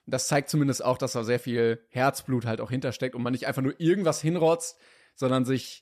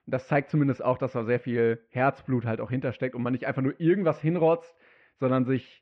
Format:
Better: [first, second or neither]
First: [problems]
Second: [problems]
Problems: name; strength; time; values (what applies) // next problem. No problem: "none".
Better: first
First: none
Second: muffled; very; fading above 2.5 kHz